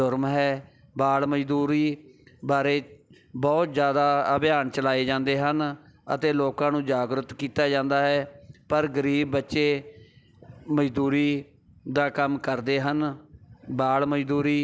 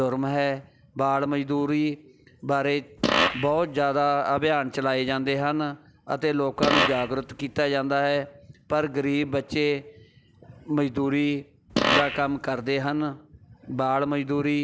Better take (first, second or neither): first